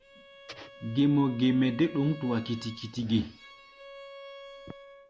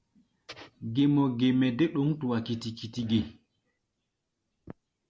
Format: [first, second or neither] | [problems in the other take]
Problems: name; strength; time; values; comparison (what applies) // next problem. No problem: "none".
second | background sound (Bowed string instrument); 18 dB below the speech